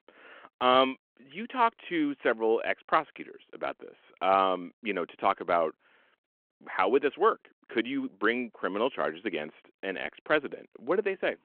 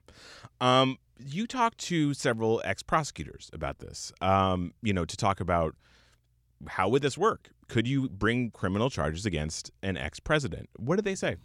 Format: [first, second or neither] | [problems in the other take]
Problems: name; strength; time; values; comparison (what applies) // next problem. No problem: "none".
second | phone-call audio